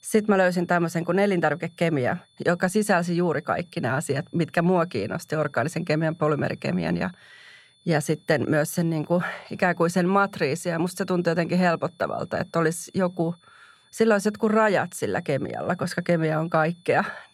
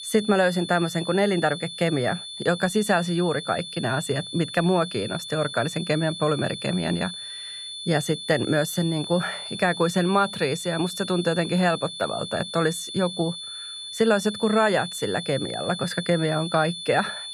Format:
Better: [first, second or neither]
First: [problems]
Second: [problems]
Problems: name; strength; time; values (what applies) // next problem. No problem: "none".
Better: first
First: high-pitched whine; faint; throughout; 3.5 kHz, 35 dB below the speech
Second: high-pitched whine; loud; throughout; 3.5 kHz, 9 dB below the speech